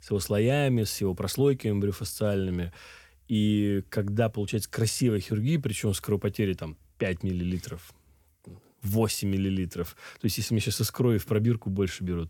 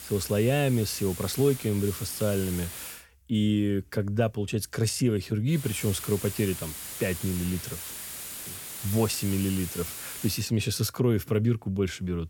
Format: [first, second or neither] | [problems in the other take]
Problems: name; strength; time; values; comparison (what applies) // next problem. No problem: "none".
first | hiss; loud; until 3 s and from 5.5 to 10 s; 9 dB below the speech